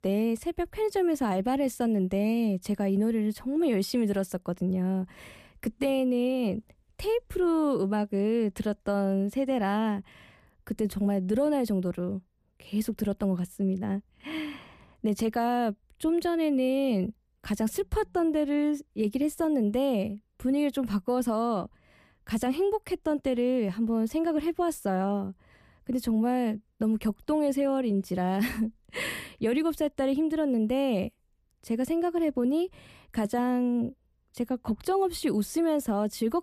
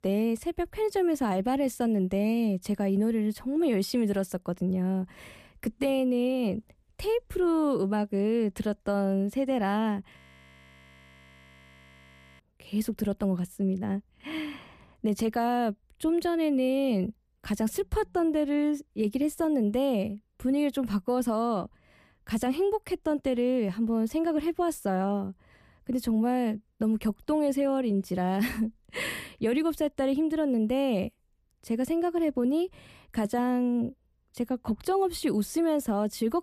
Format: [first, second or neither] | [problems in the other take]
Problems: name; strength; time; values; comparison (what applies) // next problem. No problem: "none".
first | audio freezing; at 10 s for 2 s